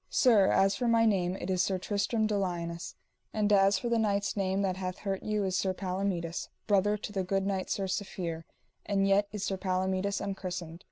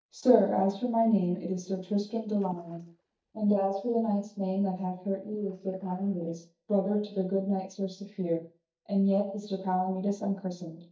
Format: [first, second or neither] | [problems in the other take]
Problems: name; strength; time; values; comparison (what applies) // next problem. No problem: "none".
first | noise reduction (neural mask model DeepFilterNet 3)